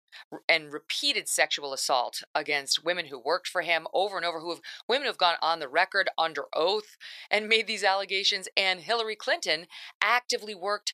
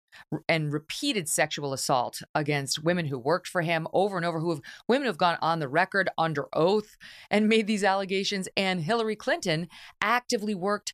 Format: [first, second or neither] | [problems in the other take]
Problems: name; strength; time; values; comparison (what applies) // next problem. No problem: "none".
second | thin; very; fading below 550 Hz